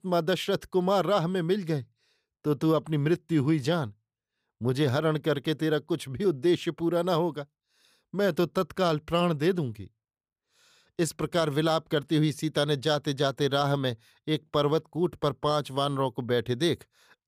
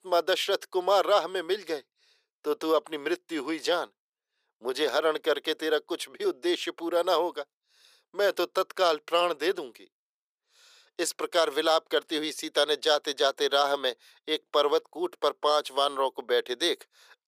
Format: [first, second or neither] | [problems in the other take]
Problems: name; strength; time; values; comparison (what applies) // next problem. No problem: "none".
first | thin; very; fading below 400 Hz